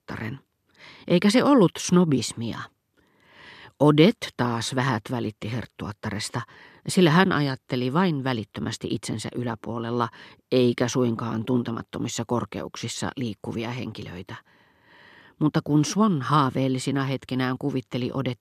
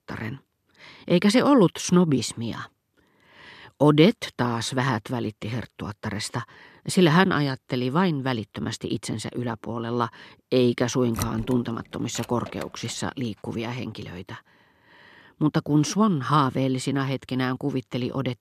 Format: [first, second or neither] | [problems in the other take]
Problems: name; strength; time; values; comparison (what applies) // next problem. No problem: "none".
first | door banging; noticeable; from 11 to 13 s; peak 10 dB below the speech